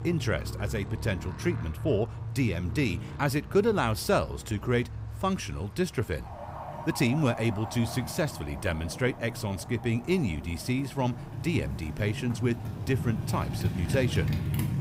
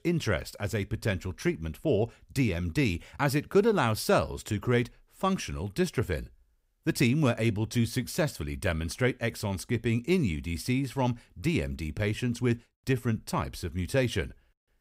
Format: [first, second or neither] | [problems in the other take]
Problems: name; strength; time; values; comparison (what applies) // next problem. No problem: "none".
second | traffic noise; loud; throughout; 7 dB below the speech